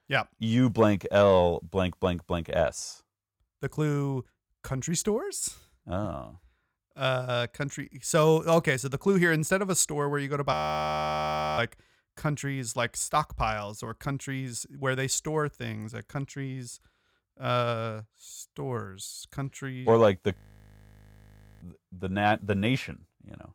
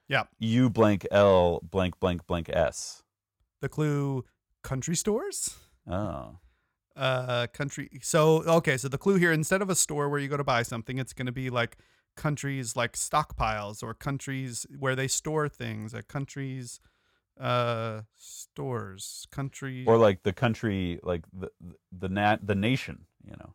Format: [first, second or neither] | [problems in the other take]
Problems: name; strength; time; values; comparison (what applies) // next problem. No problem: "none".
second | audio freezing; at 11 s for 1 s and at 20 s for 1.5 s